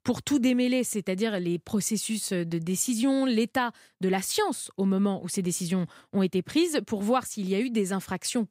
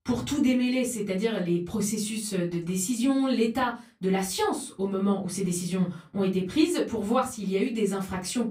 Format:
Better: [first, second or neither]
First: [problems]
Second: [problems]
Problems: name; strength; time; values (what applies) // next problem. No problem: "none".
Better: first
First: none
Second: off-mic speech; far // room echo; very slight; dies away in 0.3 s